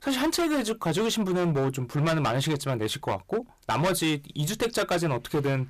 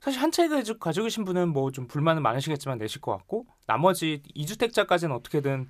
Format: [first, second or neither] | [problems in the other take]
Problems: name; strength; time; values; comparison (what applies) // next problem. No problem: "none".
second | distortion; heavy; 18% of the sound clipped